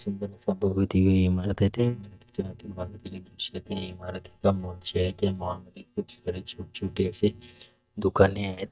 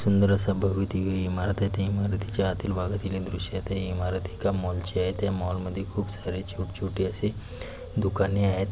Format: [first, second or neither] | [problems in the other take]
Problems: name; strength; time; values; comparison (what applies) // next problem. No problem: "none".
second | noise reduction (neural mask model DeepFilterNet 3)